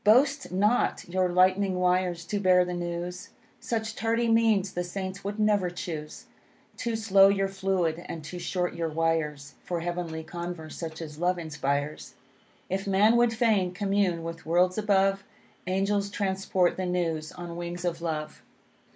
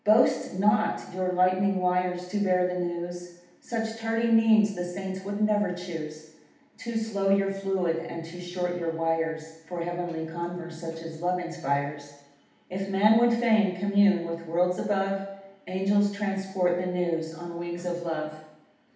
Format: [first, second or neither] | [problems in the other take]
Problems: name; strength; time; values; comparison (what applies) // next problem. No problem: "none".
first | room echo; dies away in 0.8 s